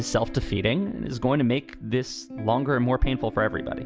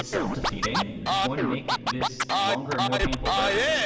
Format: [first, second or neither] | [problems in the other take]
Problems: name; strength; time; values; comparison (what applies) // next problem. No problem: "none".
first | background sound (Scratching (performance technique)); 4 dB above the speech // room echo; dies away in 2.4 s